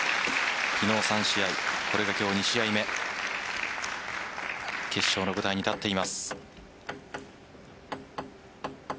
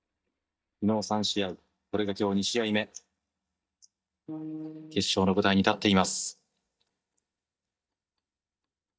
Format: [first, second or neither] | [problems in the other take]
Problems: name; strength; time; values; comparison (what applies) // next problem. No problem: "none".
first | noise reduction (neural mask model DeepFilterNet 3)